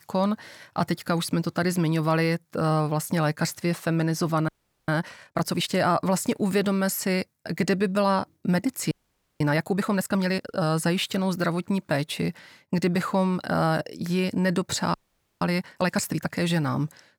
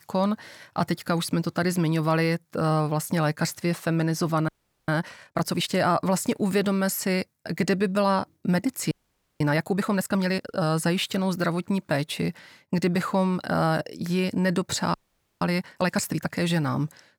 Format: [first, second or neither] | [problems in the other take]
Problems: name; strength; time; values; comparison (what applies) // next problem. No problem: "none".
neither | audio freezing; at 4.5 s, at 9 s and at 15 s; the same in both